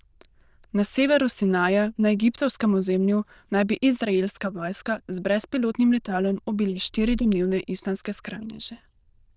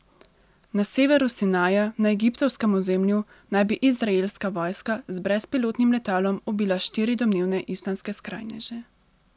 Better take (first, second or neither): second